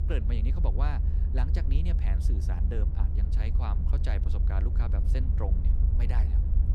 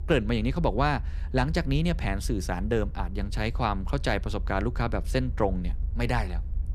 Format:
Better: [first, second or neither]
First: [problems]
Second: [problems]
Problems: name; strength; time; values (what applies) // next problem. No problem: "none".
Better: second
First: low rumble; loud; throughout; 4 dB below the speech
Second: low rumble; faint; throughout; 25 dB below the speech